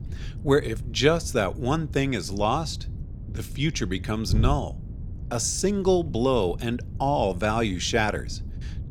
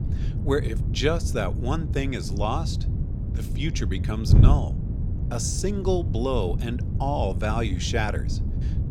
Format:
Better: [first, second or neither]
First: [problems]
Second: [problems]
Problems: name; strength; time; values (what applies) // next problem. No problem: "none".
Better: first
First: wind noise on the microphone; occasional gusts; 20 dB below the speech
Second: wind noise on the microphone; heavy; 10 dB below the speech